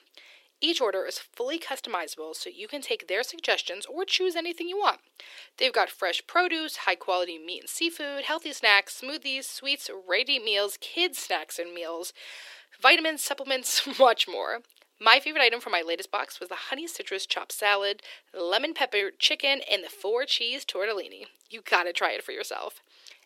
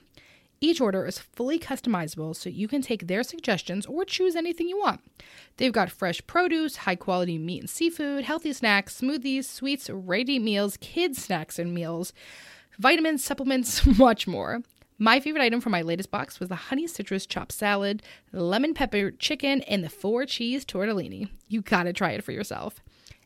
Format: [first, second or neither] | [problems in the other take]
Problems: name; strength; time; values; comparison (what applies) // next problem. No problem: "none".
second | thin; very; fading below 350 Hz